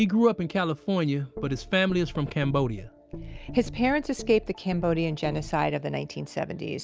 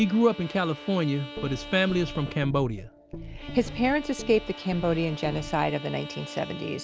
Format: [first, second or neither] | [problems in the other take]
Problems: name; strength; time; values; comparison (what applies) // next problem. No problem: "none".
first | background sound (Bowed string instrument); 15 dB below the speech